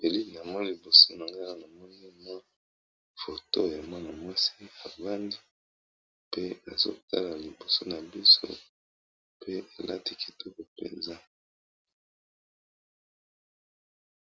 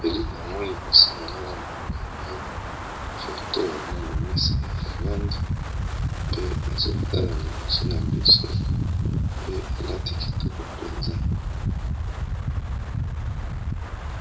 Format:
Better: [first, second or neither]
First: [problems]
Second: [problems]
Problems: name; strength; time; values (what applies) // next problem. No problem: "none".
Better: first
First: none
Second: background sound (Wind); 2 dB above the speech // room echo; dies away in 0.3 s